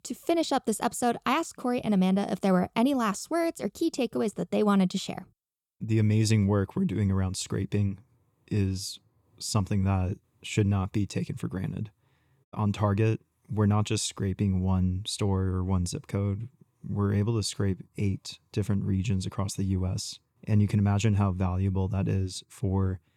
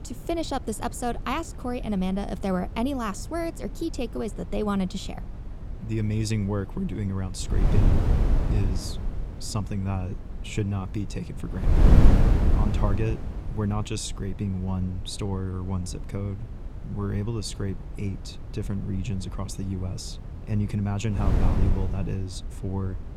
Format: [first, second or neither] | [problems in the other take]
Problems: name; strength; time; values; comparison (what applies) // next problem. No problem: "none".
first | wind noise on the microphone; heavy; 6 dB below the speech